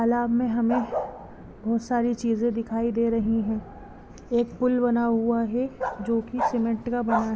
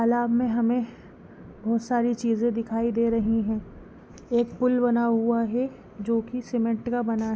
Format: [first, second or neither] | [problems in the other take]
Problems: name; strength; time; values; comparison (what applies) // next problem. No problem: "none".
second | background sound (Bark); 10 dB below the speech